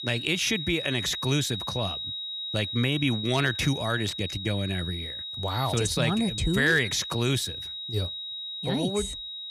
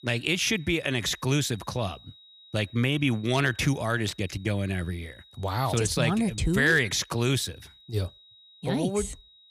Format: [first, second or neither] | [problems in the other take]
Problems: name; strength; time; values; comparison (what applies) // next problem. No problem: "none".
second | high-pitched whine; loud; throughout; 4 kHz, 5 dB below the speech; faint in the second